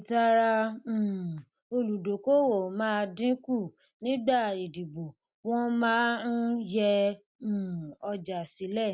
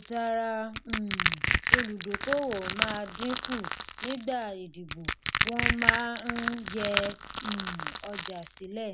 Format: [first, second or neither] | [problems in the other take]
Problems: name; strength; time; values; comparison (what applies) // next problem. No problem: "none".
first | background sound (Crushing); 3 dB above the speech